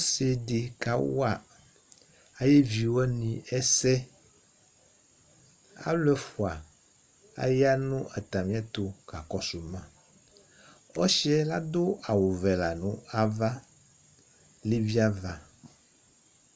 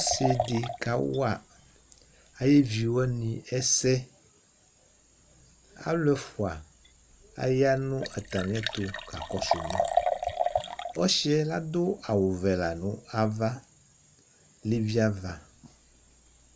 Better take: first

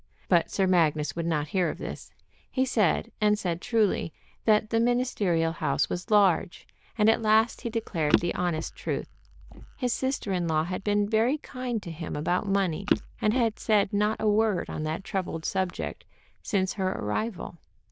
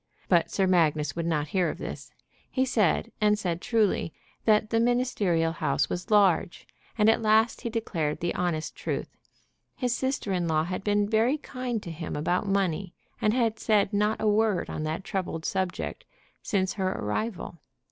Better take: second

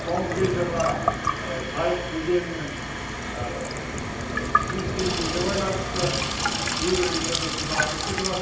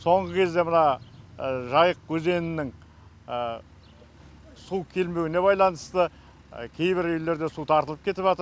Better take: second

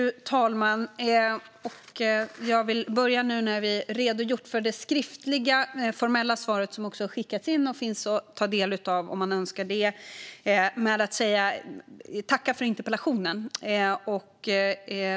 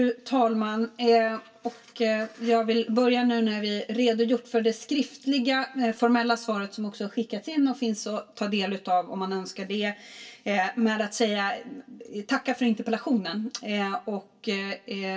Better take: first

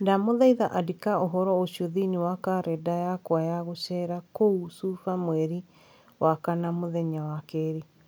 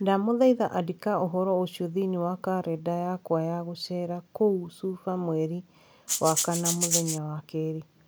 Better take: first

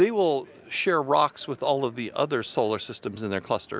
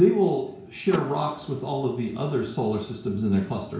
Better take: first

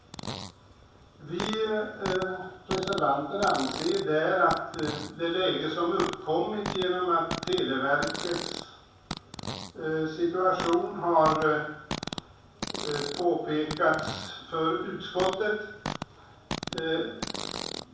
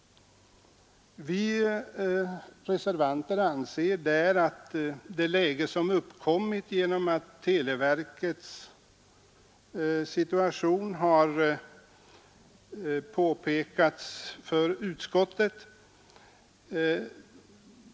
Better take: second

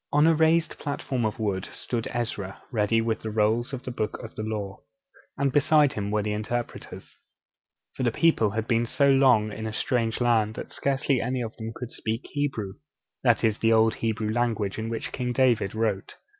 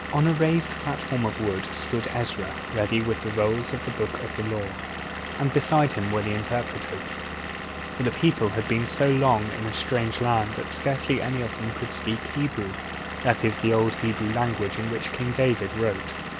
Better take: first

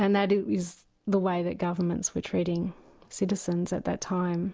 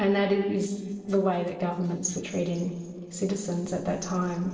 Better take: first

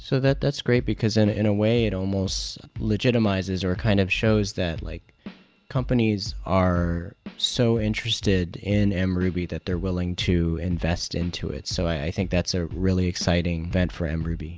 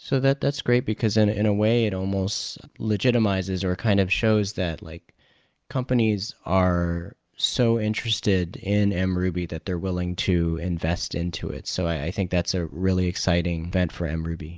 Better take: second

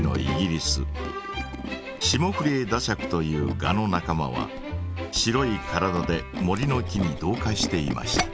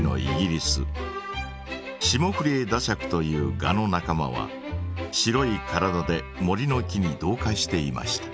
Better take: second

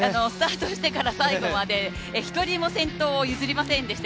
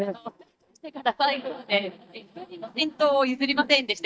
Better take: first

